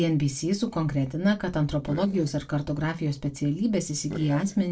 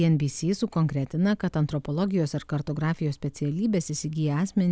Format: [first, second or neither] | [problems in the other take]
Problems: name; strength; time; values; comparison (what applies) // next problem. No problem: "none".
second | noise reduction (neural separator model SepFormer DNS4)